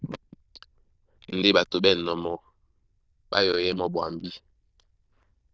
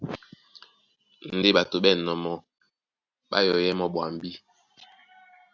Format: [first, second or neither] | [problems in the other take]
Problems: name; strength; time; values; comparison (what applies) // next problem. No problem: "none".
second | noise reduction (neural diffusion model UNIVERSE++)